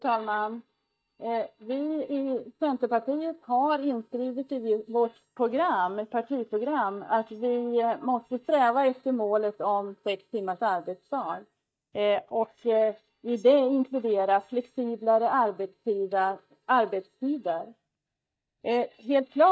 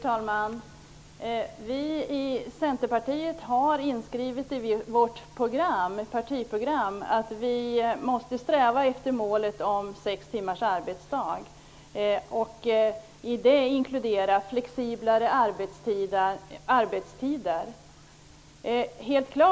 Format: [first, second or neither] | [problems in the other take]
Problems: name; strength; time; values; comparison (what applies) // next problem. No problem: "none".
second | noise reduction (neural mask model DeepFilterNet 3)